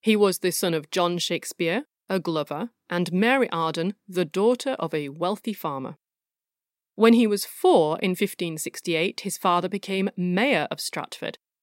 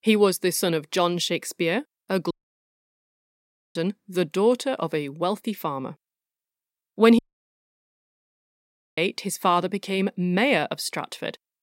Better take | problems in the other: first | audio cutting out; at 2.5 s for 1.5 s and at 7 s for 2 s

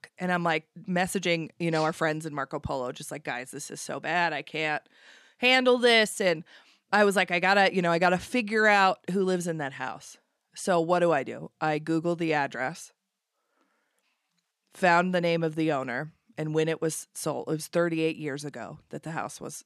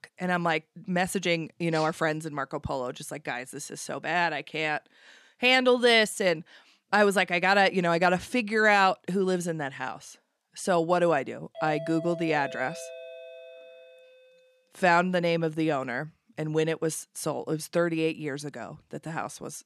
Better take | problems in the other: first | doorbell; faint; from 12 to 14 s; peak 10 dB below the speech

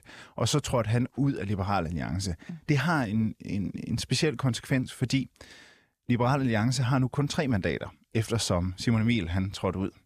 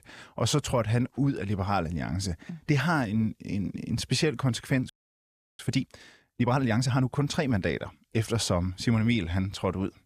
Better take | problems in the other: first | audio freezing; at 5 s for 0.5 s

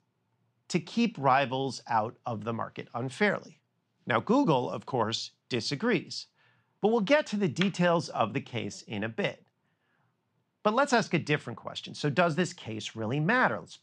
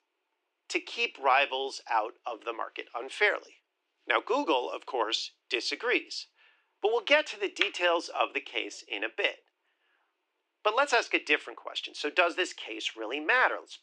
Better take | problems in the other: first | thin; very; fading below 300 Hz

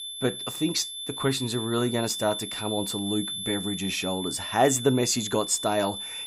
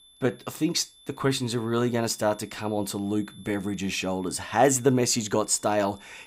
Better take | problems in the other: second | high-pitched whine; loud; throughout; 3.5 kHz, 6 dB below the speech; faint in the second

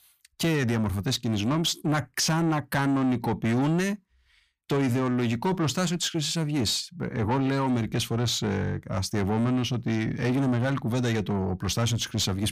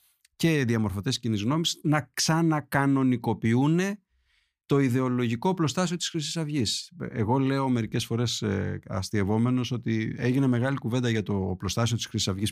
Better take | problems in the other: second | distortion; slight; 10 dB below the speech

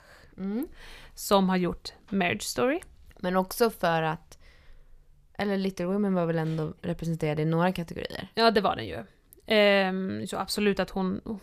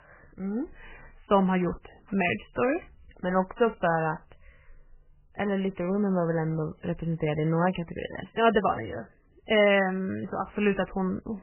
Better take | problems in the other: first | garbled, watery; badly; nothing above 3 kHz

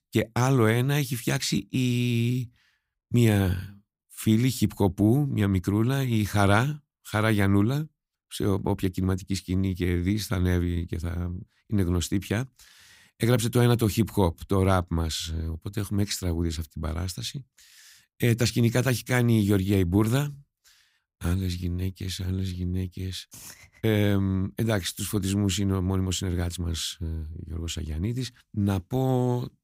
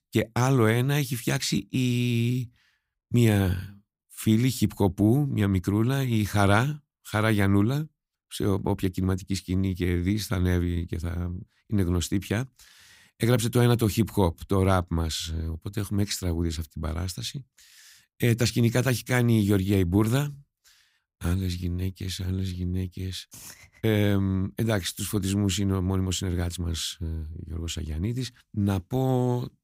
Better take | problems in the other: neither | none

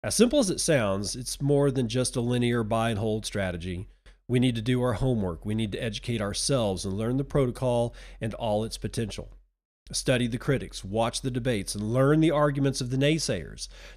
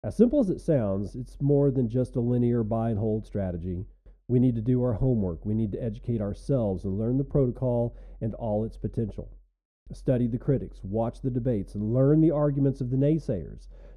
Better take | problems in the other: first | muffled; very; fading above 1 kHz

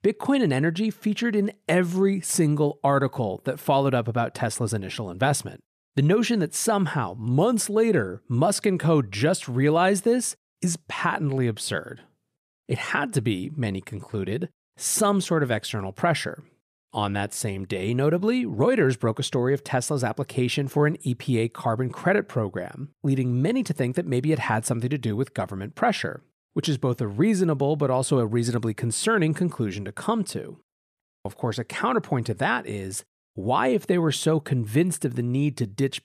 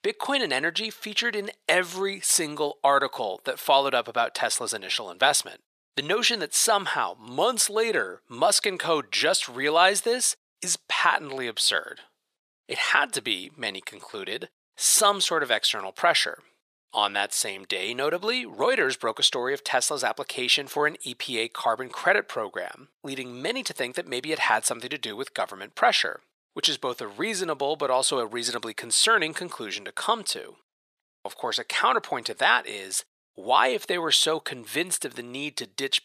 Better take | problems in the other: first | thin; very; fading below 650 Hz

